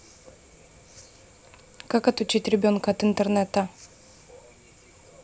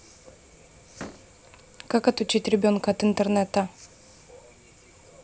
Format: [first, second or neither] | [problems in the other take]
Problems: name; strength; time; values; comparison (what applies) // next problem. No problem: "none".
first | background sound (Slam); 19 dB below the speech